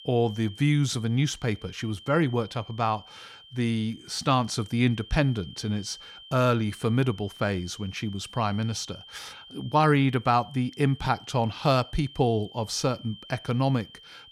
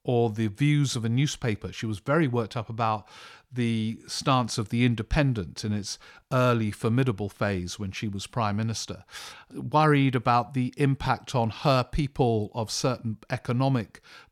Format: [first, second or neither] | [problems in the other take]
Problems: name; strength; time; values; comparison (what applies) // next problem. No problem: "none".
second | high-pitched whine; noticeable; throughout; 3 kHz, 20 dB below the speech